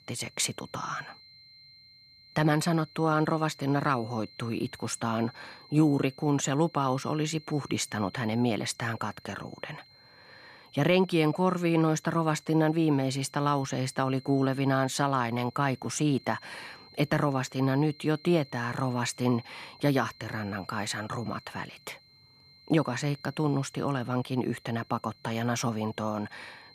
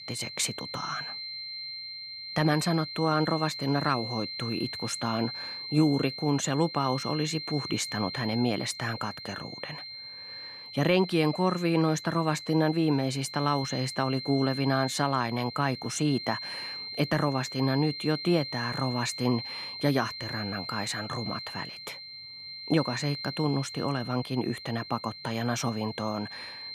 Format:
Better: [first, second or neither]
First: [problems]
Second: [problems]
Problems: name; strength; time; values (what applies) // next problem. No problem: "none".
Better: first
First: high-pitched whine; faint; throughout; 4 kHz, 25 dB below the speech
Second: high-pitched whine; loud; throughout; 4 kHz, 8 dB below the speech